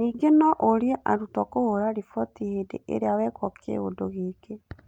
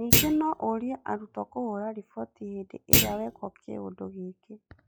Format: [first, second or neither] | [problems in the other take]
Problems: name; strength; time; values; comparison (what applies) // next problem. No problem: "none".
first | noise reduction (classical method log-MMSE)